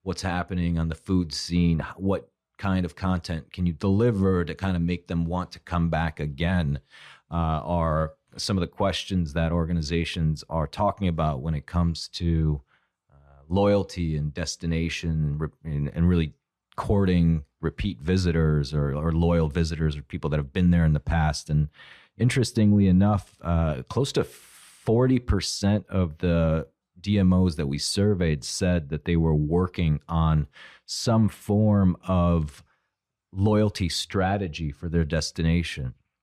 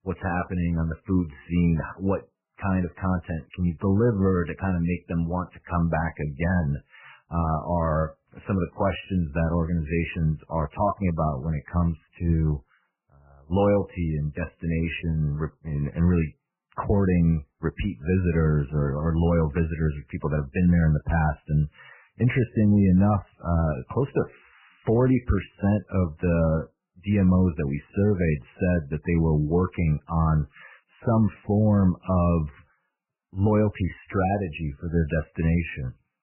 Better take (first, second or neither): first